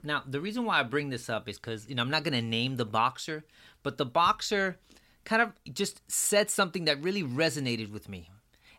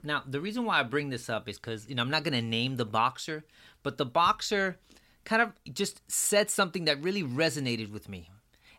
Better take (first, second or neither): neither